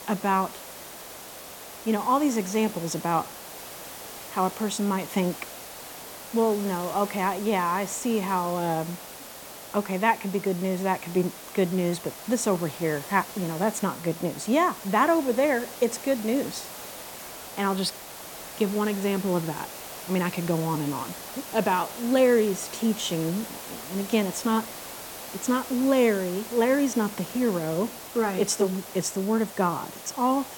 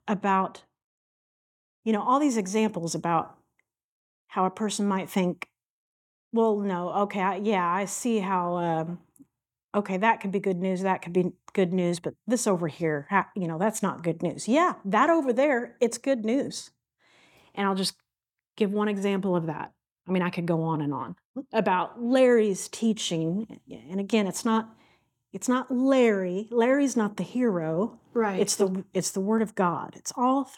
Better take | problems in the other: second | hiss; noticeable; throughout; 10 dB below the speech

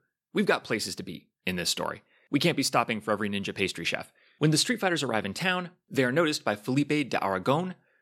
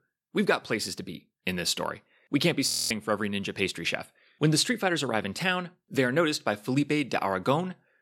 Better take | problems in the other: first | audio freezing; at 2.5 s

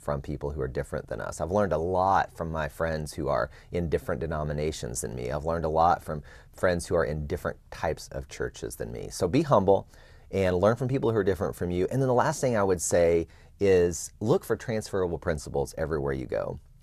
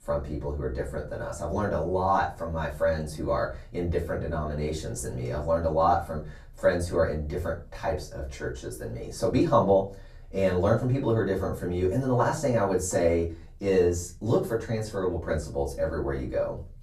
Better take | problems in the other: first | off-mic speech; far // room echo; very slight; dies away in 0.3 s

